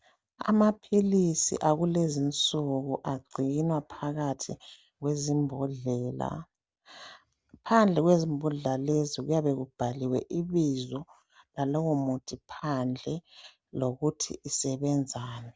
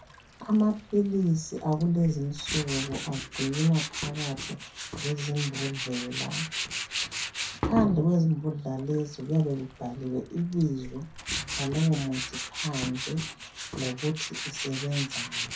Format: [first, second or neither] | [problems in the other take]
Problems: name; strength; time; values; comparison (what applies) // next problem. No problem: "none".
first | background sound (Tools); 7 dB below the speech // room echo; dies away in 0.3 s